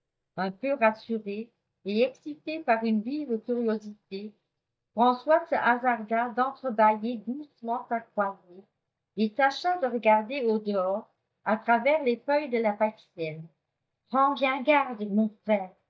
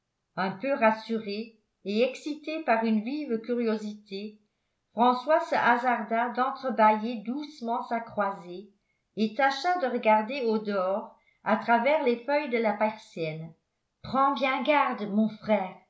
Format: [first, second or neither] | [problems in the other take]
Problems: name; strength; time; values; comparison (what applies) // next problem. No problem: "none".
second | noise reduction (neural mask model DeepFilterNet 3)